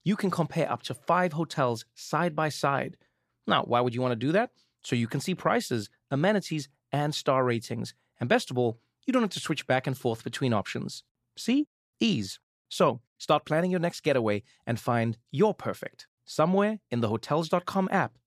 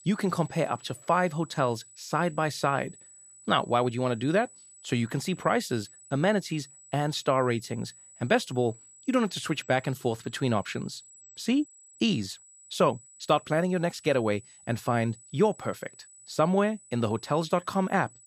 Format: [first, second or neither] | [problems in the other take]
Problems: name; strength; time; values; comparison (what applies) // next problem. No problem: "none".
first | high-pitched whine; faint; throughout; 8 kHz, 20 dB below the speech